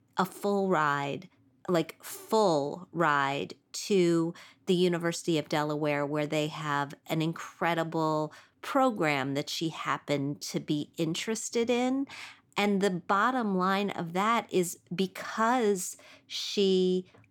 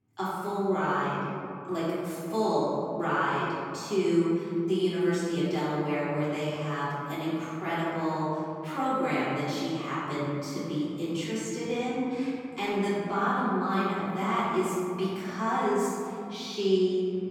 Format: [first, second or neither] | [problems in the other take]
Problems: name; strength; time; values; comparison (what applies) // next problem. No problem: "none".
first | off-mic speech; far // room echo; strong; dies away in 2.7 s